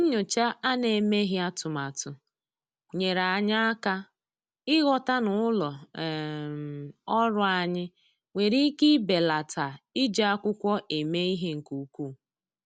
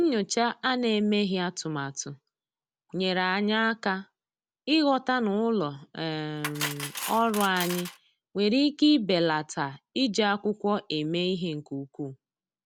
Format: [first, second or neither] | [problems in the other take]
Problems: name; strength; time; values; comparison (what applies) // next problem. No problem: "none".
first | background sound (Cutlery, silverware); 11 dB below the speech